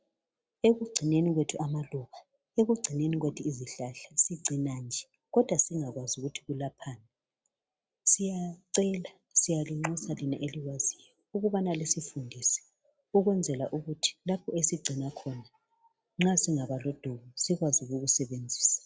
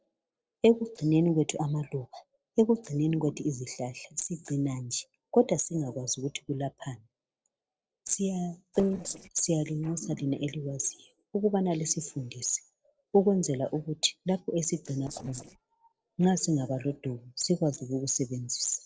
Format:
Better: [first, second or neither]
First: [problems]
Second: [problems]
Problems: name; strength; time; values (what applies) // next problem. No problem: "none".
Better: first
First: none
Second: noise reduction (neural separator model SepFormer DNS4)